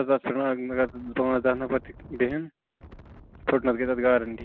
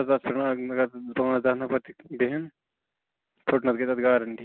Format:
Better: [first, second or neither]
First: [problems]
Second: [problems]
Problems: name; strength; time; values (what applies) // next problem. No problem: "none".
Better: second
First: background sound (Wind); 20 dB below the speech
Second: none